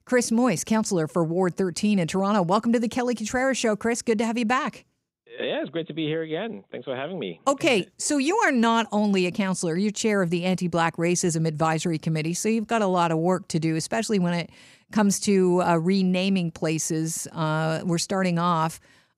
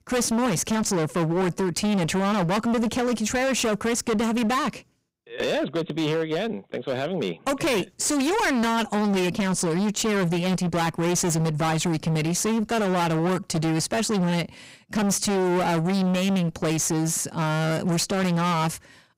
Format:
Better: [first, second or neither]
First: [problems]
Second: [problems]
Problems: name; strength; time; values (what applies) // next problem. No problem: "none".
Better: first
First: none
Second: distortion; heavy; 34% of the sound clipped